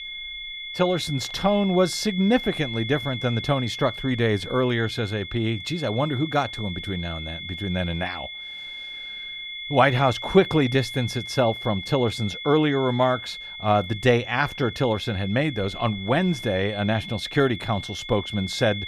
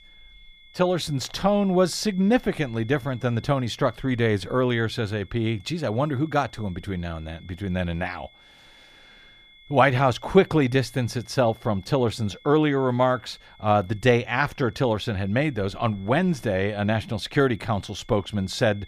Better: second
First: high-pitched whine; loud; throughout; 3.5 kHz, 9 dB below the speech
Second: high-pitched whine; faint; throughout; 3.5 kHz, 25 dB below the speech

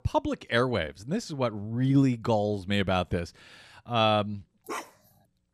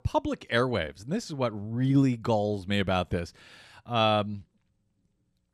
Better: second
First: dog barking; faint; at 4.5 s; peak 10 dB below the speech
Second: none

